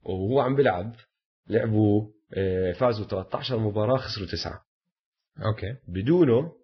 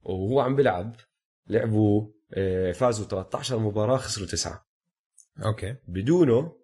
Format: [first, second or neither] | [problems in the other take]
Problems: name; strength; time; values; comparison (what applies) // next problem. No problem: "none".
second | garbled, watery; badly; nothing above 5.5 kHz; slightly in the second